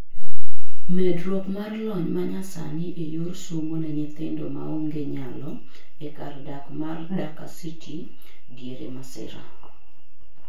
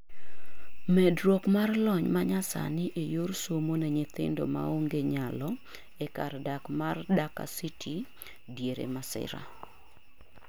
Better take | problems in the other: second | room echo; dies away in 0.3 s

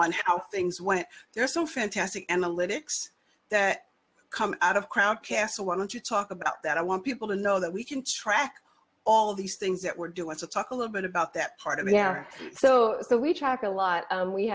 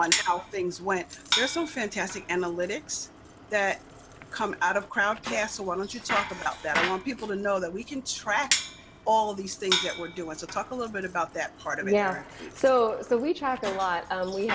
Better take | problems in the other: first | background sound (Bicycle); 7 dB below the speech

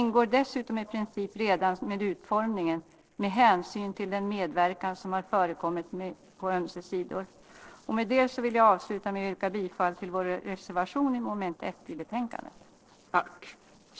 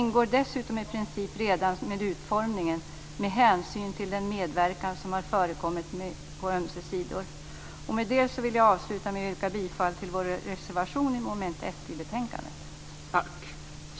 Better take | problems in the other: second | noise reduction (neural separator model SepFormer DNS4)

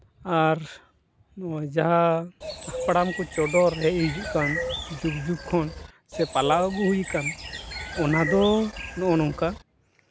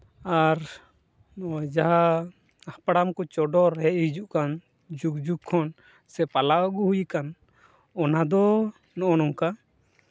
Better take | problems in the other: second | background sound (Bird); 8 dB below the speech

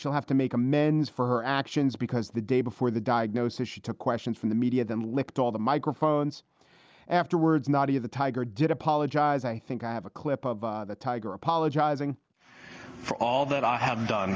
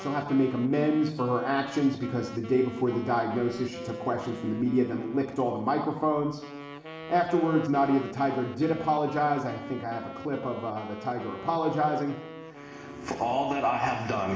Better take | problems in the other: first | background sound (Wind instrument, woodwind instrument); 14 dB below the speech // room echo; dies away in 0.9 s

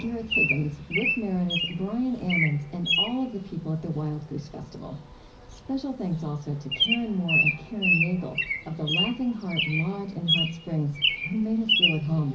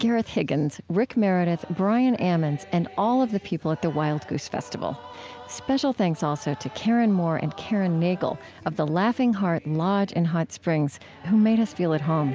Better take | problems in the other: second | background sound (Bird vocalization, bird call, bird song); as loud as the speech // room echo; dies away in 0.5 s

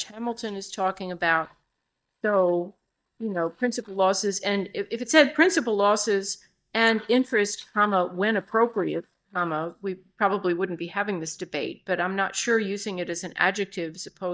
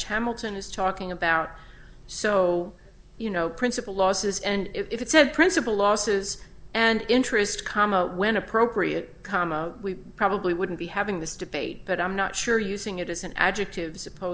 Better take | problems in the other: second | noise reduction (neural mask model DeepFilterNet 3)

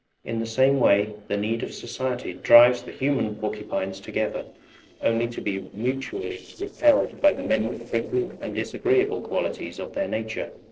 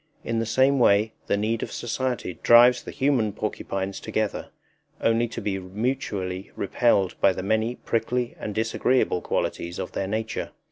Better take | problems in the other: second | noise reduction (neural separator model SepFormer DNS4)

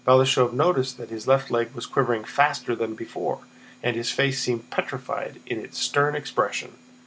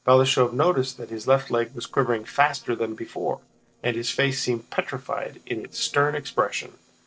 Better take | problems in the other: first | noise reduction (neural separator model SepFormer DNS4)

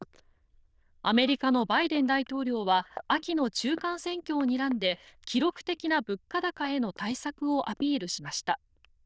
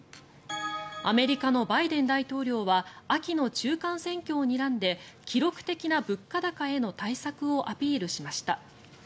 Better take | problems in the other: second | noise reduction (neural diffusion model UNIVERSE++)

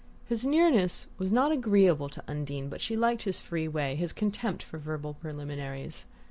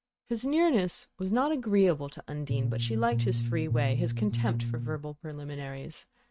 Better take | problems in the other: first | noise reduction (neural mask model RNNoise)

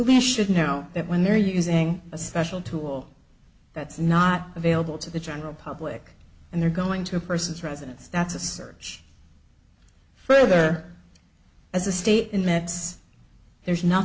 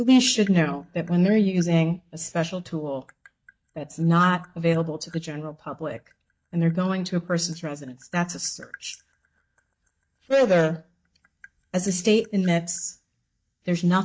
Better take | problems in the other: first | noise reduction (neural mask model DeepFilterNet 3)

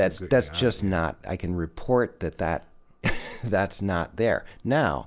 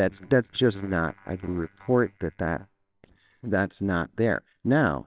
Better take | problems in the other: first | noise reduction (neural separator model SepFormer WHAMR!)

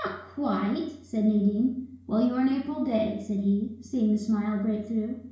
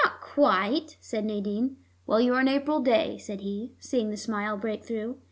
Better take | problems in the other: second | room echo; dies away in 0.6 s

